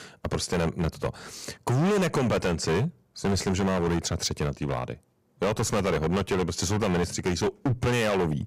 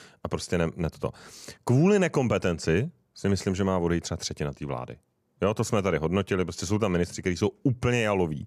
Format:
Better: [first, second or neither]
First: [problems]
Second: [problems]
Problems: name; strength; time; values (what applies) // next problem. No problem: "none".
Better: second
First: distortion; heavy; 16% of the sound clipped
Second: none